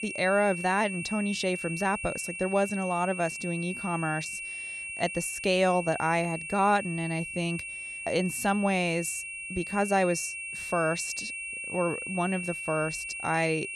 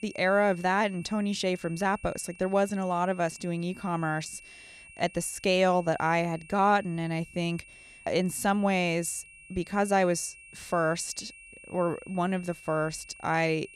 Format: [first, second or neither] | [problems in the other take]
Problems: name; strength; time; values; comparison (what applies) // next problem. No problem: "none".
second | high-pitched whine; loud; throughout; 2.5 kHz, 6 dB below the speech; faint in the second